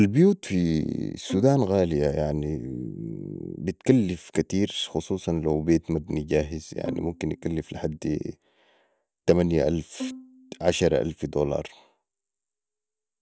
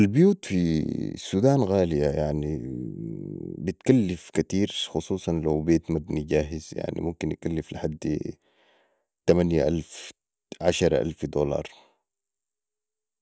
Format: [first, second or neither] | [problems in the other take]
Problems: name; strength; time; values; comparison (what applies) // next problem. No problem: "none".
second | background sound (Bowed string instrument); 15 dB below the speech